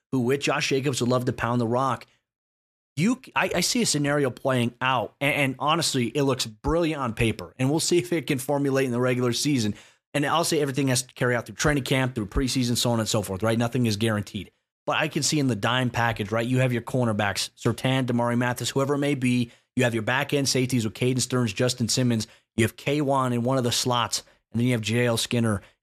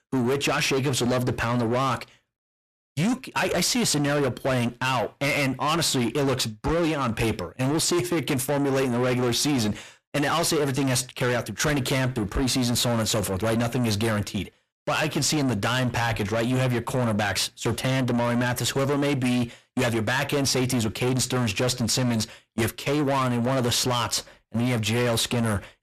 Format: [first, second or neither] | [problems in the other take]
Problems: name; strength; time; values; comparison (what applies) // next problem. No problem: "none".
first | distortion; heavy; 7 dB below the speech